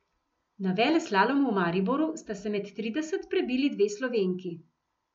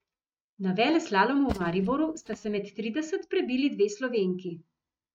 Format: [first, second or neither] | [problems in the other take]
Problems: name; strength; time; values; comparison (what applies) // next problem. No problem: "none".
first | noise reduction (neural mask model RNNoise)